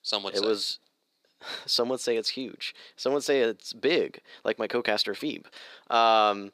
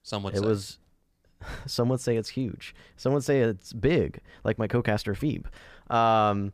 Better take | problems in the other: second | thin; somewhat; fading below 300 Hz

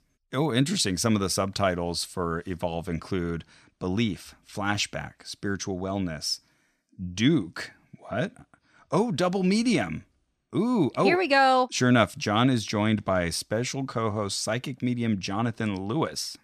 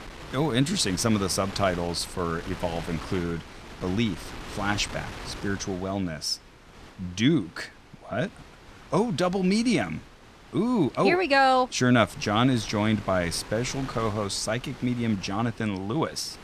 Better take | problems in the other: first | wind noise on the microphone; occasional gusts; 15 dB below the speech

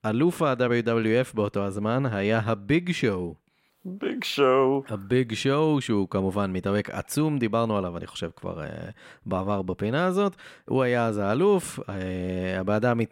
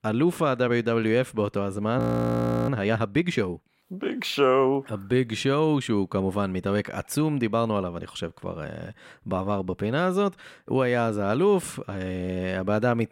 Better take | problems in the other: first | audio freezing; at 2 s for 0.5 s

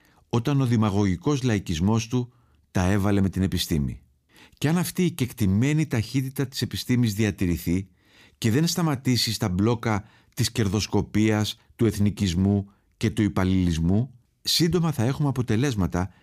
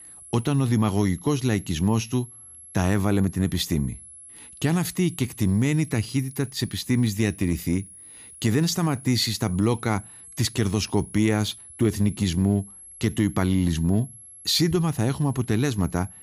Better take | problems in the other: first | high-pitched whine; noticeable; throughout; 11 kHz, 20 dB below the speech

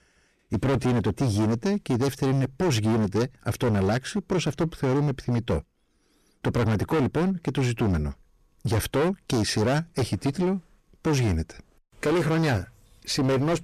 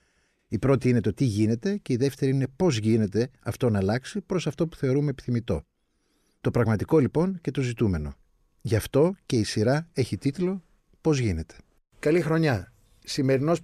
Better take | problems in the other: second | distortion; heavy; 20% of the sound clipped

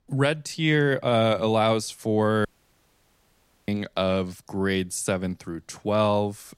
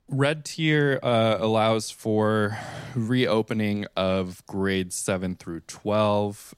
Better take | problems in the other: second | audio cutting out; at 2.5 s for 1 s

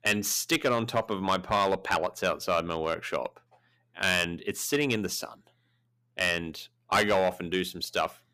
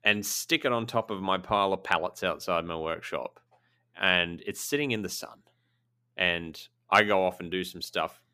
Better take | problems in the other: second | distortion; heavy; 3% of the sound clipped

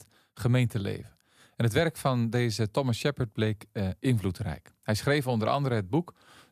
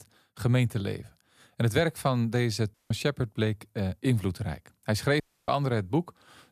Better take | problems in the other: first | audio cutting out; at 2.5 s and at 5 s

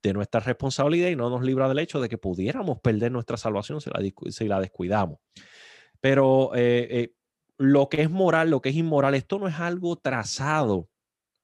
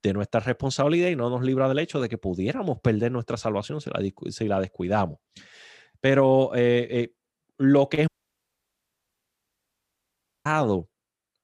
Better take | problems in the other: first | audio cutting out; at 8 s for 2.5 s

